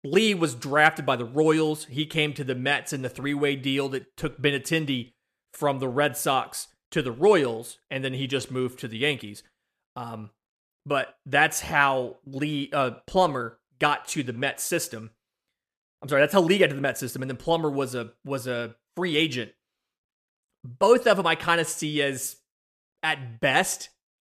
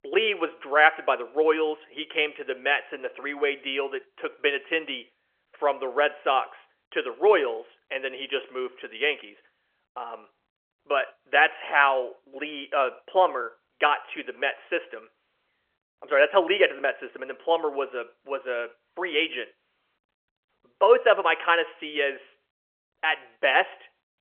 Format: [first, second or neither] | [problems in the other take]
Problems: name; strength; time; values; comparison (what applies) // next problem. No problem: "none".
first | phone-call audio; nothing above 3 kHz